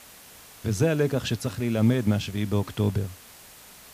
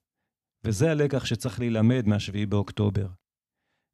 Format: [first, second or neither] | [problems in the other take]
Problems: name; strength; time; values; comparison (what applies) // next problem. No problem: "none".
second | hiss; faint; throughout; 20 dB below the speech